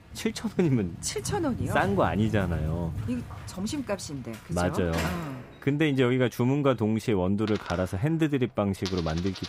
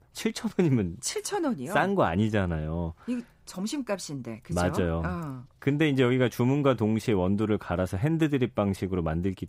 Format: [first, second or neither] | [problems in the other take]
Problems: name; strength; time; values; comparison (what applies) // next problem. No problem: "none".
second | household noises; noticeable; throughout; 10 dB below the speech